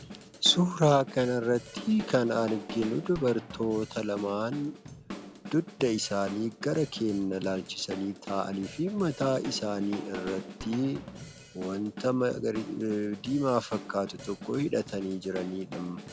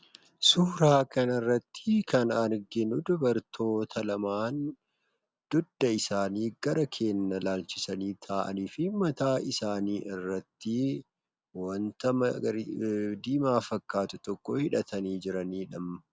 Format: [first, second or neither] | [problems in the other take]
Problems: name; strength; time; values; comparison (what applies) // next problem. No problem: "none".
second | background sound (Drum kit); 13 dB below the speech